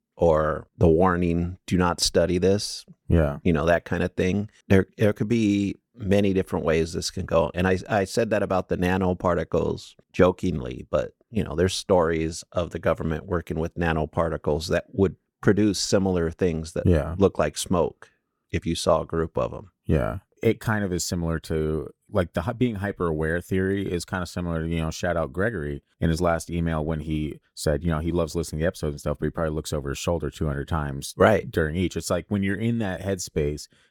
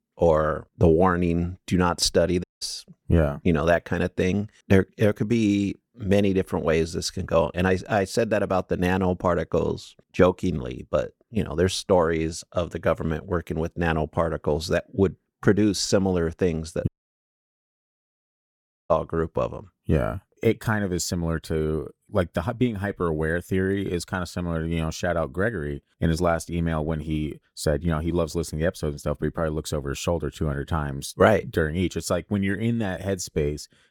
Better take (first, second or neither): first